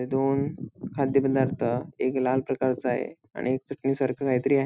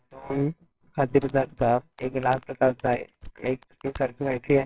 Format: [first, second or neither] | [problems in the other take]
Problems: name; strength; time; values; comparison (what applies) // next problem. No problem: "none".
first | noise reduction (neural separator model SepFormer WHAMR!)